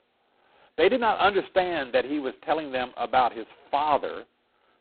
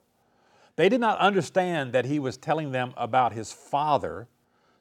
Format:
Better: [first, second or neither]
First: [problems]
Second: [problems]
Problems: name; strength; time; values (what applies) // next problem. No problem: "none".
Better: second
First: phone-call audio; poor line; nothing above 4 kHz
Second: none